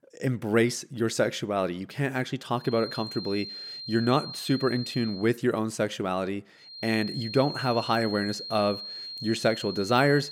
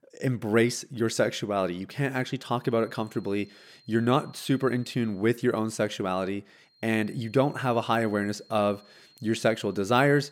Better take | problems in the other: second | high-pitched whine; loud; from 2.5 to 5 s and from 6.5 s on; 4 kHz, 9 dB below the speech; faint in the second

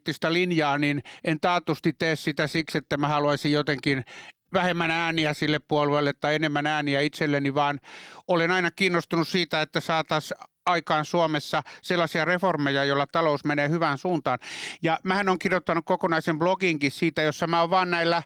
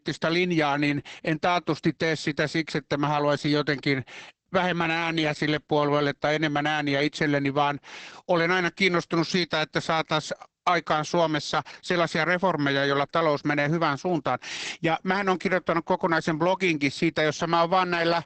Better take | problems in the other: first | garbled, watery; badly; nothing above 8 kHz; slightly in the first

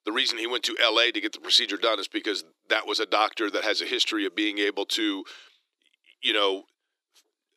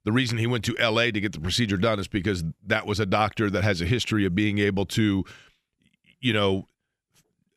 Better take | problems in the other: second | thin; very; fading below 300 Hz

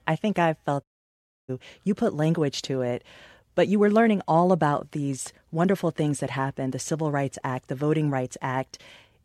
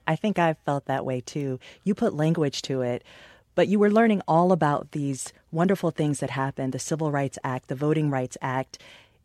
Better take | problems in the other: second | audio cutting out; at 1 s for 0.5 s

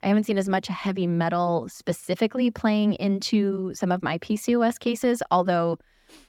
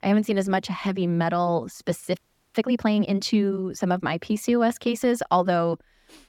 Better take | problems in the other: first | audio freezing; at 2 s

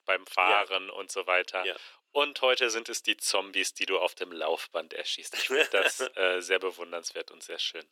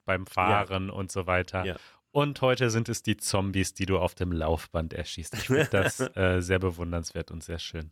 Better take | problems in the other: second | thin; very; fading below 350 Hz

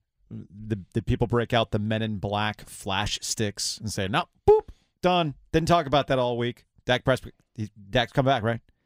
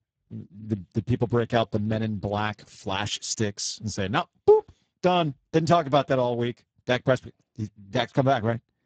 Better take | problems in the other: first | garbled, watery; badly; nothing above 7.5 kHz

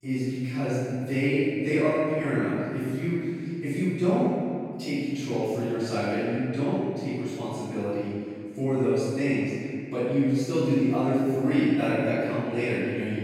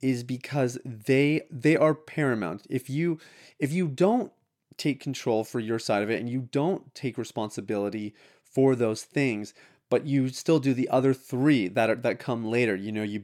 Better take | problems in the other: second | off-mic speech; far // room echo; strong; dies away in 2 s

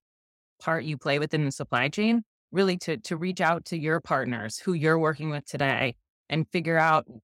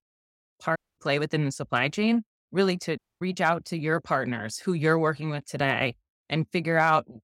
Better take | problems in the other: first | audio cutting out; at 1 s and at 3 s

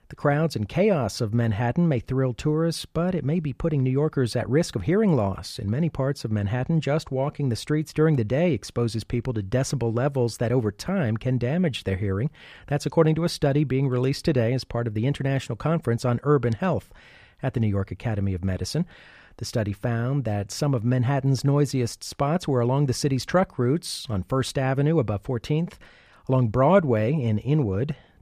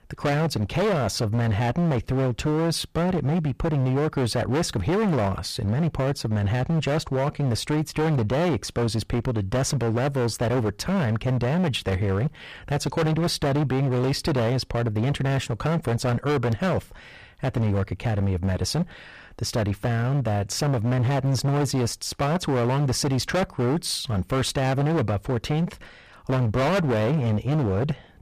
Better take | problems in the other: first | distortion; heavy; 25% of the sound clipped

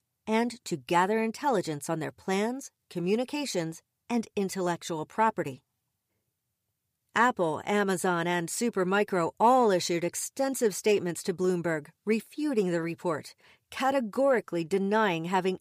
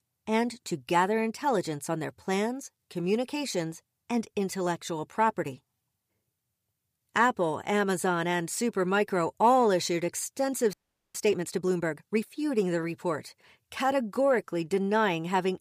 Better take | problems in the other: first | audio freezing; at 11 s

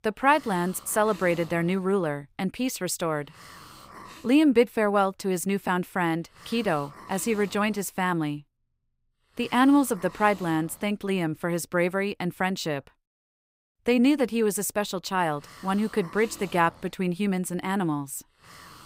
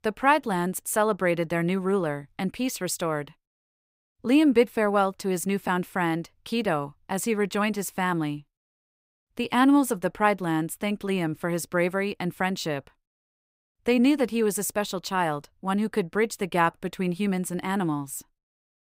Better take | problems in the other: second | hiss; faint; until 4 s, from 6 to 11 s and from 15 s on; 20 dB below the speech

